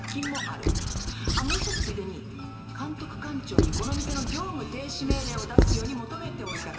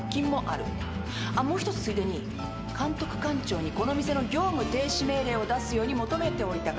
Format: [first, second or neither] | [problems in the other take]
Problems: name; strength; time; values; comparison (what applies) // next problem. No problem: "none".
second | background sound (Squeak / Writing); 5 dB above the speech // room echo; dies away in 3 s